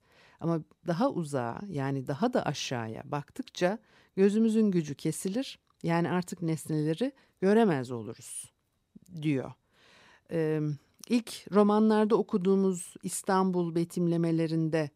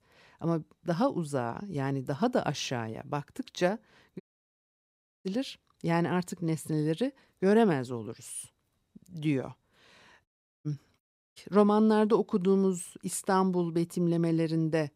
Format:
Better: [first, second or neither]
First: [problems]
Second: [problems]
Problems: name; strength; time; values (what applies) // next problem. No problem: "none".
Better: first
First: none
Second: audio cutting out; at 4 s for 1 s, at 10 s and at 11 s